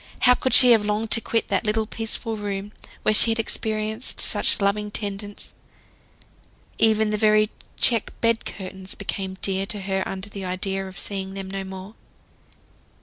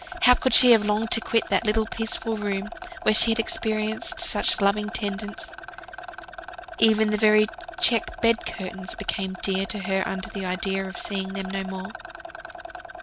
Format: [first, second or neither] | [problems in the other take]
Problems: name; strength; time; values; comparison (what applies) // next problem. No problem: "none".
first | background sound (Rattle); 13 dB below the speech